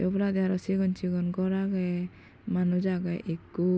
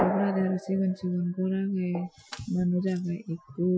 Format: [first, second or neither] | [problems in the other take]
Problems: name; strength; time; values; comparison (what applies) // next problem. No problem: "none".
first | noise reduction (classical method Wiener filter)